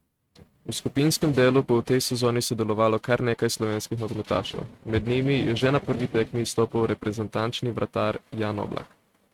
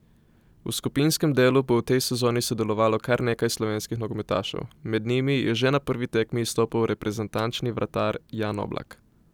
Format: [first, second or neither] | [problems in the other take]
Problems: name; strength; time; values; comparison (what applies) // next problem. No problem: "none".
second | noise reduction (neural mask model RNNoise)